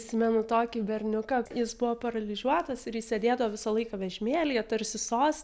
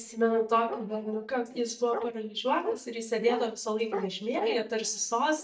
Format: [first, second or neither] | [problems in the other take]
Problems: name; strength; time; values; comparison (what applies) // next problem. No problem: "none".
first | noise reduction (neural mask model DeepFilterNet 3)